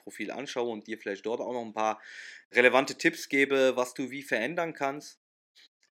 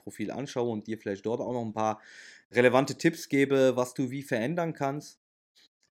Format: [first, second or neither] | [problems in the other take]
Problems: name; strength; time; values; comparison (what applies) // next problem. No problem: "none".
second | thin; very slightly; fading below 300 Hz